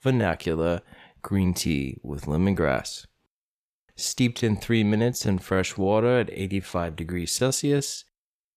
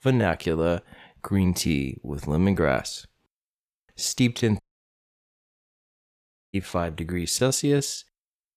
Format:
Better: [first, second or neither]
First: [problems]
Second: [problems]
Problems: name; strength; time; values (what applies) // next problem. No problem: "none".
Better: first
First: none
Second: audio cutting out; at 4.5 s for 2 s